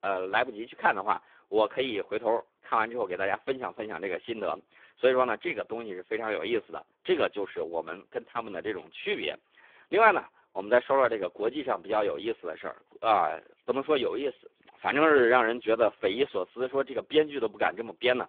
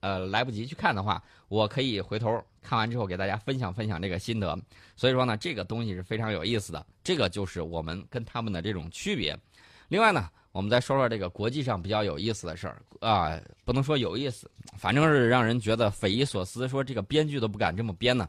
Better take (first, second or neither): second